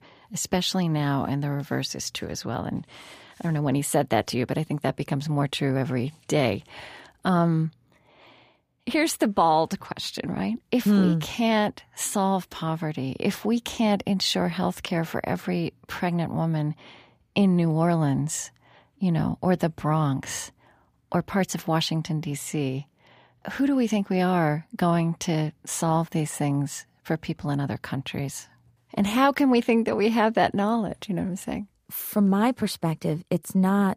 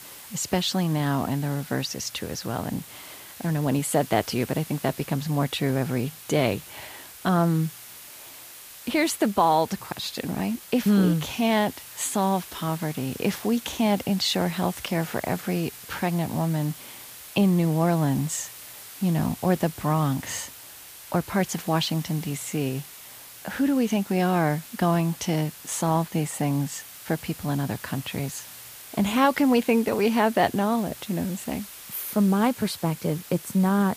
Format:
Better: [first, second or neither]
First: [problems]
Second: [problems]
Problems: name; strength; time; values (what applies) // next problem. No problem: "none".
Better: first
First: none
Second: hiss; noticeable; throughout; 15 dB below the speech